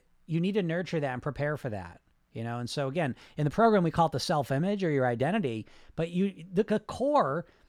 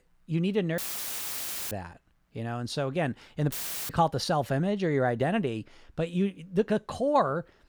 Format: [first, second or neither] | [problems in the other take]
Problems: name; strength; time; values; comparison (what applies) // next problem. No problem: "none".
first | audio cutting out; filled with static; at 1 s for 1 s and at 3.5 s